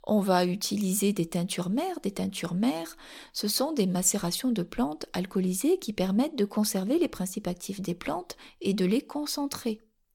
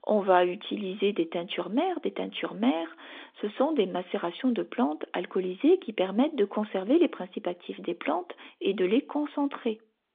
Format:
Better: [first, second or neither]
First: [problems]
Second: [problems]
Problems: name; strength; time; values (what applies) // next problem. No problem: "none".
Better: first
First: none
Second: phone-call audio; nothing above 3.5 kHz